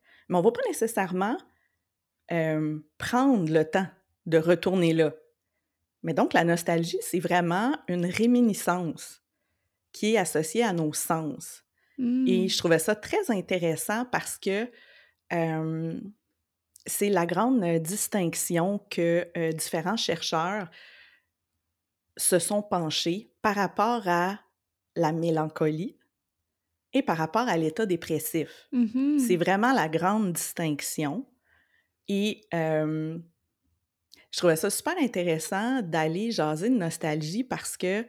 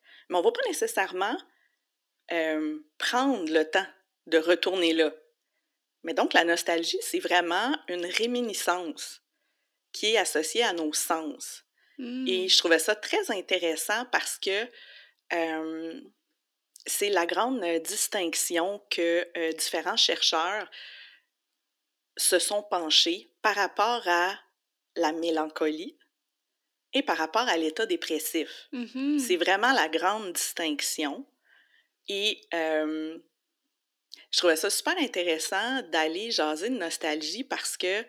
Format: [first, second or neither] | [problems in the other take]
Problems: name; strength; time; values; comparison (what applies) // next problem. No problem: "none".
first | thin; somewhat; fading below 300 Hz